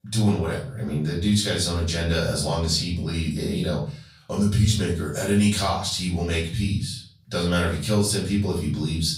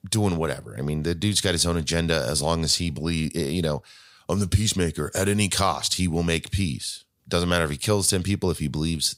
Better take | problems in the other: second | off-mic speech; far // room echo; slight; dies away in 0.5 s

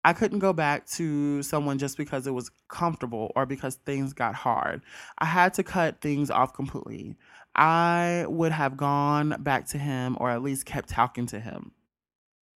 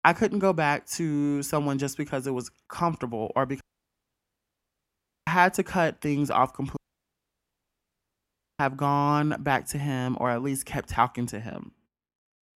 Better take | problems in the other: first | audio cutting out; at 3.5 s for 1.5 s and at 7 s for 2 s

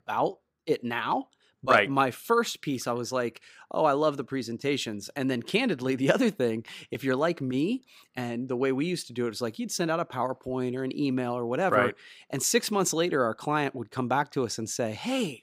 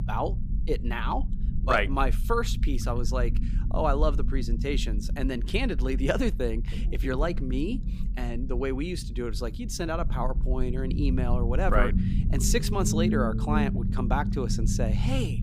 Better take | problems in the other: first | low rumble; noticeable; throughout; 10 dB below the speech

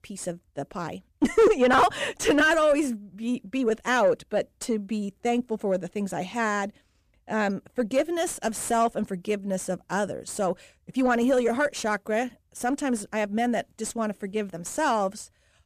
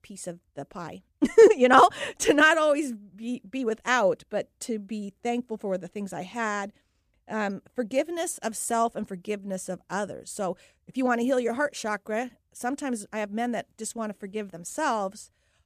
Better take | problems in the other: second | distortion; heavy; 7 dB below the speech

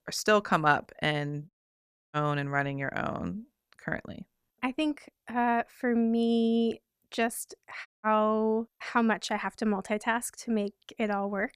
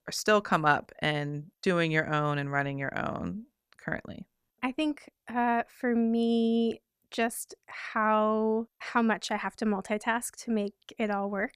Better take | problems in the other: second | audio cutting out; at 1.5 s for 0.5 s and at 8 s

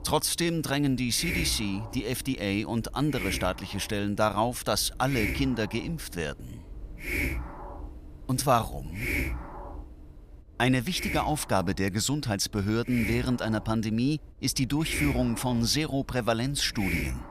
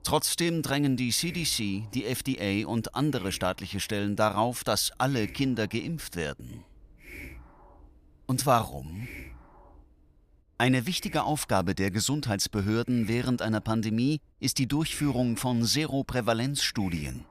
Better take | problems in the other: second | hiss; loud; throughout; 8 dB below the speech; faint in the second

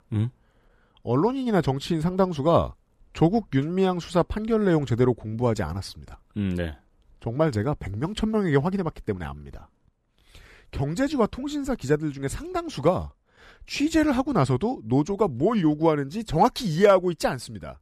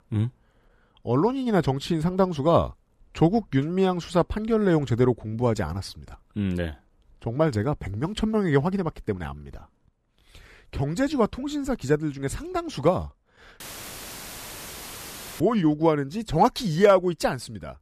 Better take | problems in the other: first | audio cutting out; filled with static; at 14 s for 2 s

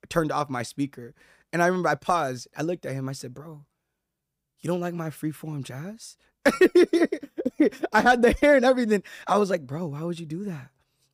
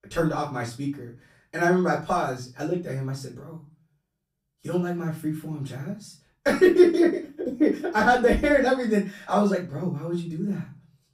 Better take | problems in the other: first | off-mic speech; far // room echo; slight; dies away in 0.3 s

